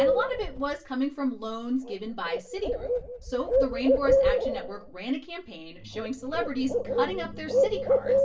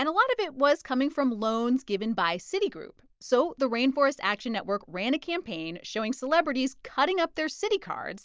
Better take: second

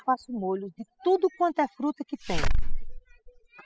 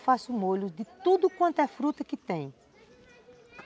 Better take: second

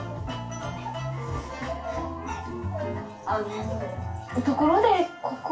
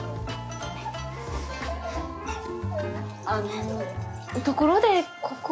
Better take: second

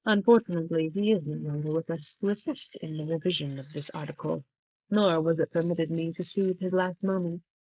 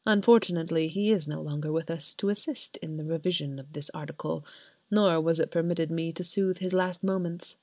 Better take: second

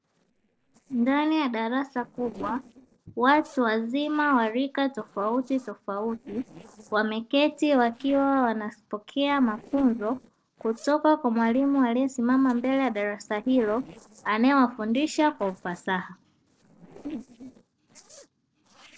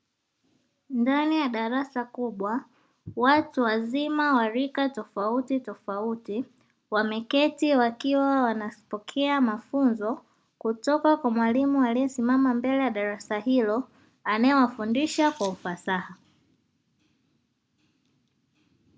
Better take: second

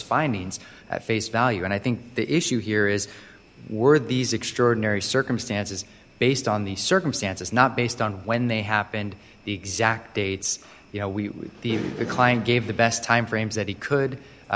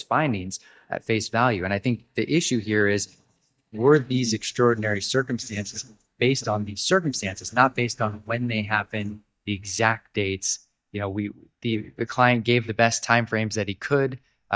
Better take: first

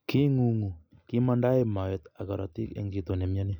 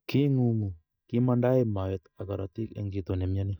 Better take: first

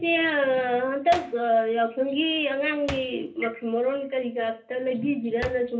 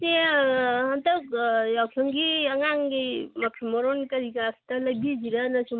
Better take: second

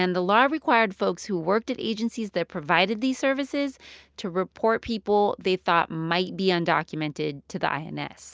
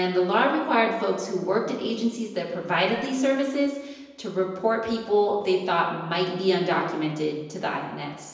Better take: first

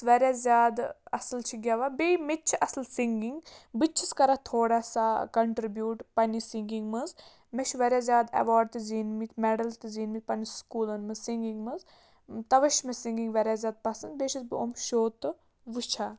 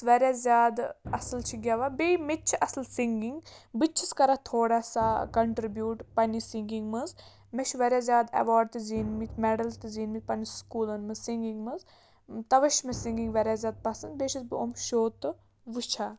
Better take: first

